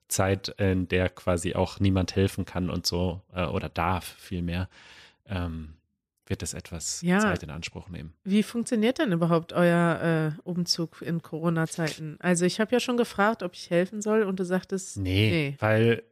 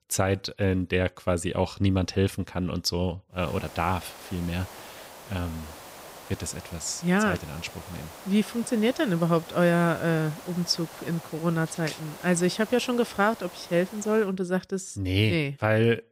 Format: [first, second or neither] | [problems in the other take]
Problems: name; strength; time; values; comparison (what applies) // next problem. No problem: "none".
first | hiss; noticeable; from 3.5 to 14 s; 15 dB below the speech